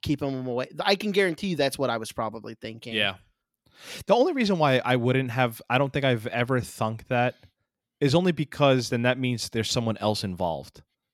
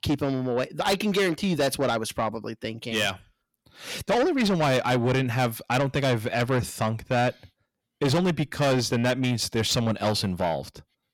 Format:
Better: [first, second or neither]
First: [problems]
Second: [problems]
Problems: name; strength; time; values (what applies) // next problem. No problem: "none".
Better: first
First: none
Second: distortion; heavy; 7 dB below the speech